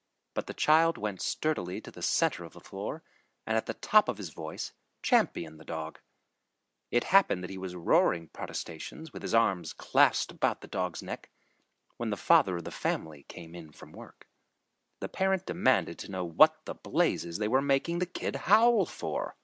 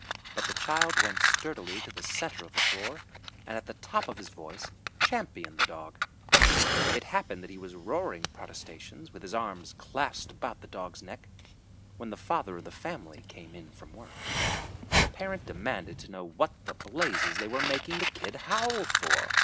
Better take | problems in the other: first | background sound (Fire); 4 dB above the speech

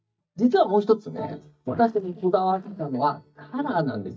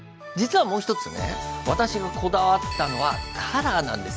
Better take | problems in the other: second | noise reduction (neural mask model DeepFilterNet 3)

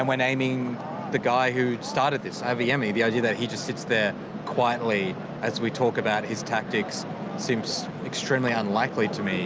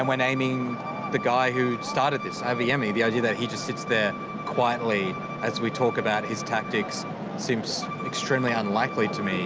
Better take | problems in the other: first | background sound (Bowed string instrument); 11 dB below the speech

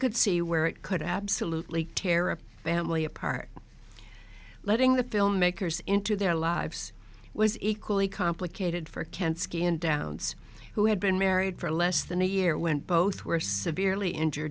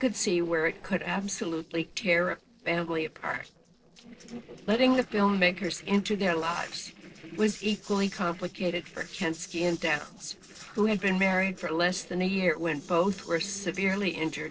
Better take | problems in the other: first | noise reduction (neural separator model SepFormer DNS4)

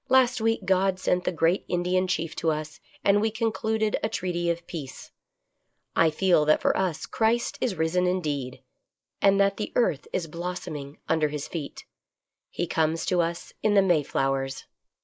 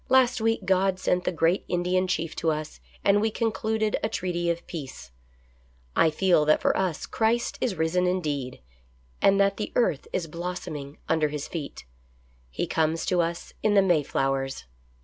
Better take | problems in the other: second | noise reduction (neural mask model Resemble Enhance denoiser)

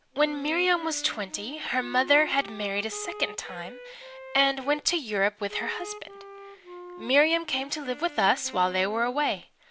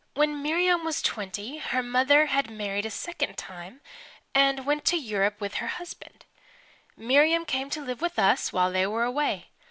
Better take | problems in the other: second | background sound (Wind instrument, woodwind instrument); 16 dB below the speech

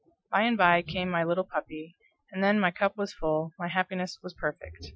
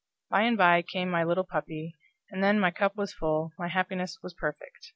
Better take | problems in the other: second | noise reduction (classical method Wiener filter)

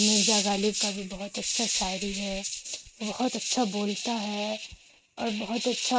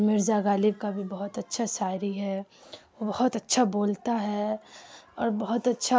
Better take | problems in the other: second | noise reduction (neural mask model RNNoise)

